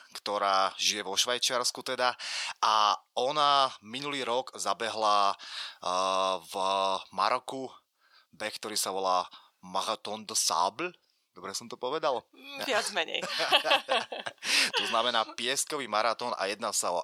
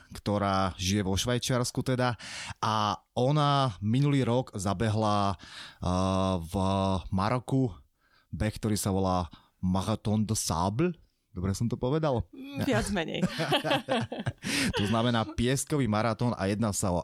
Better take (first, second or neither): second